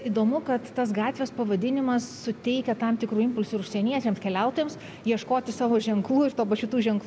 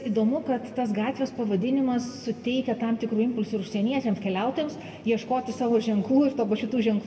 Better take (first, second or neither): first